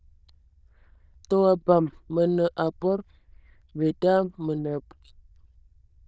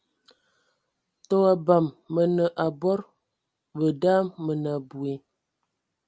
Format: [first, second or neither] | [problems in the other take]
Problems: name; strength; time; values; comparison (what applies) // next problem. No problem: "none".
second | noise reduction (neural diffusion model UNIVERSE++)